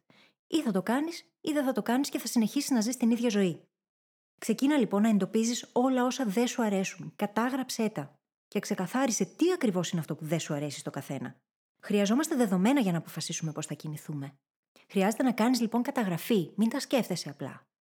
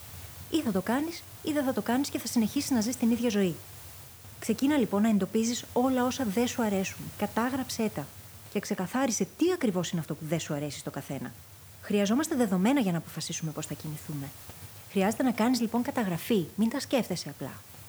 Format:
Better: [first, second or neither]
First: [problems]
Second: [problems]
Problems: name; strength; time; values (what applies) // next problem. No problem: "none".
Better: first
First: none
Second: hiss; noticeable; throughout; 15 dB below the speech